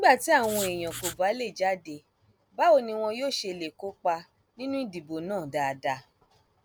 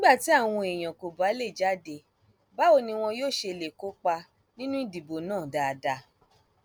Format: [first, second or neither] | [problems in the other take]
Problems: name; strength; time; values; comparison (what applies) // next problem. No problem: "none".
second | background sound (Writing); 9 dB below the speech